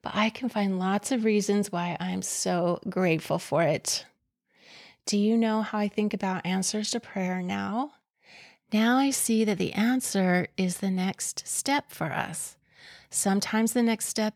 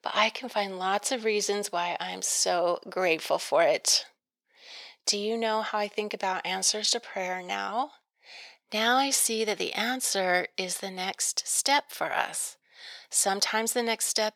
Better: first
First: none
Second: thin; very; fading below 550 Hz

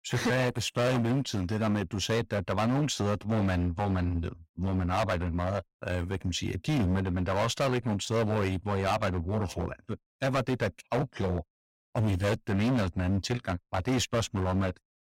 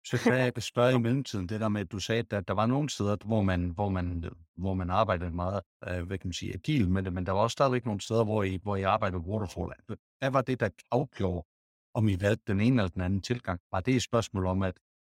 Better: second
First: distortion; heavy; 15% of the sound clipped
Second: none

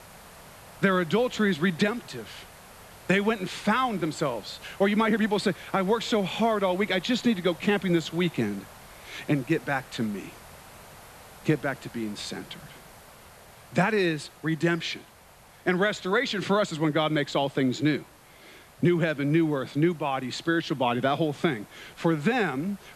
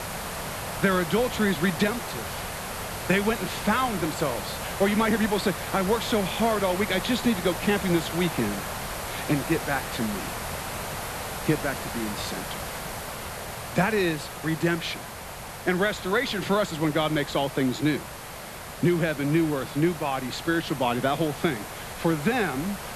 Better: first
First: hiss; faint; throughout; 20 dB below the speech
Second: hiss; loud; throughout; 7 dB below the speech

